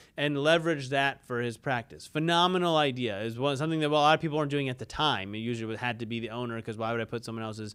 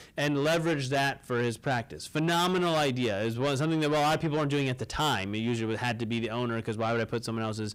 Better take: first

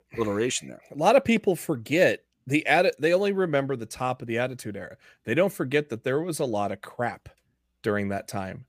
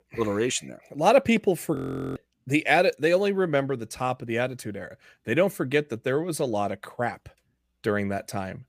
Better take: first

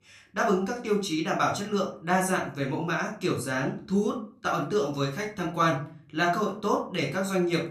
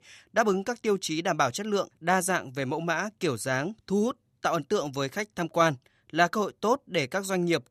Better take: second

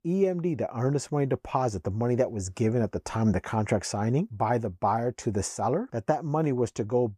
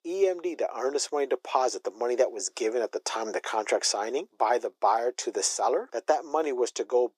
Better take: first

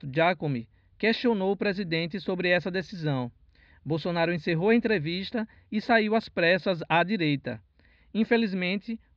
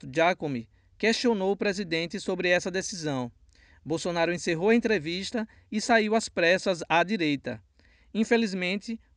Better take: second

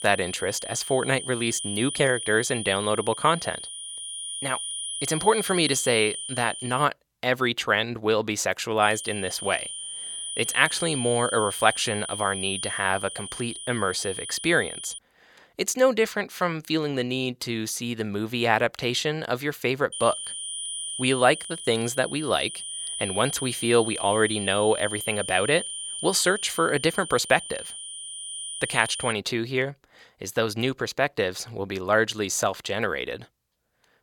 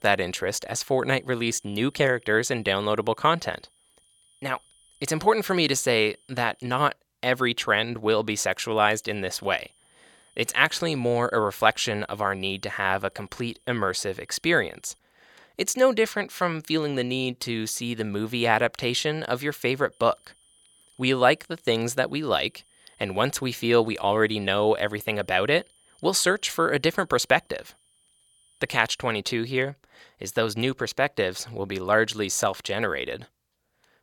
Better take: second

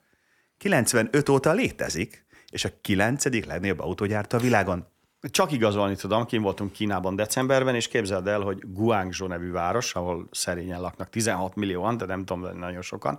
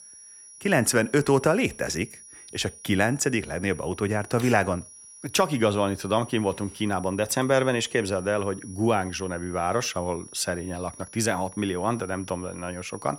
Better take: first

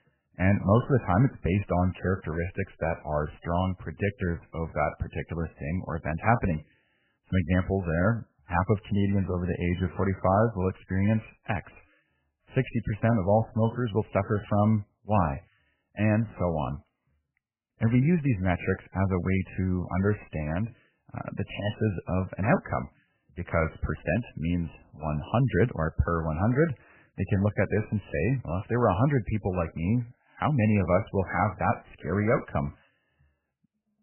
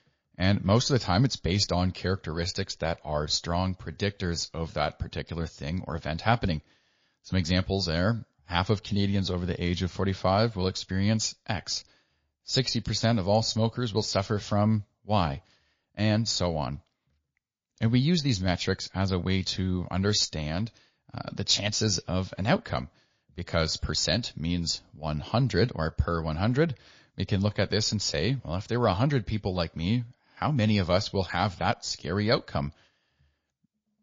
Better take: second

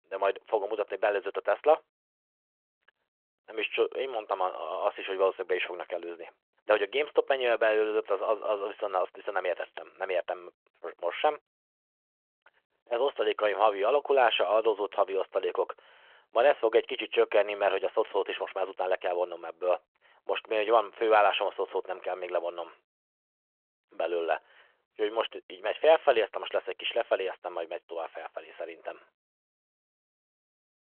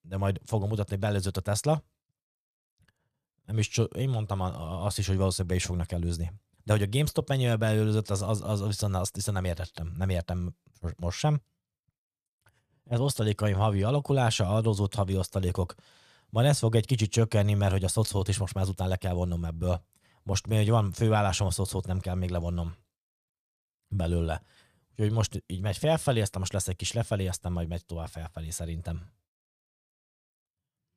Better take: second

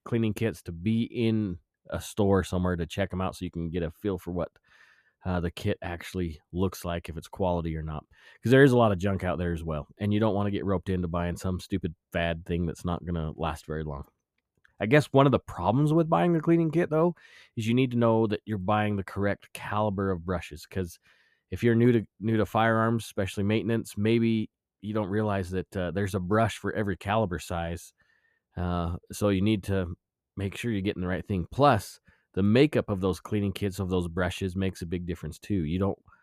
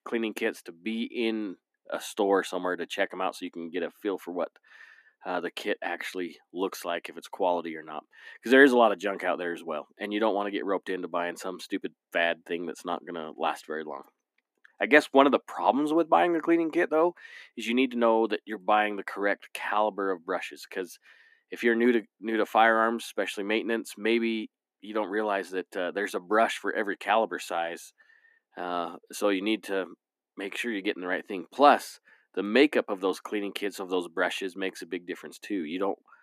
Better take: first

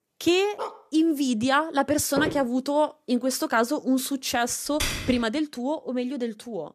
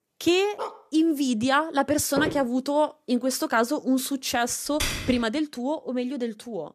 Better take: neither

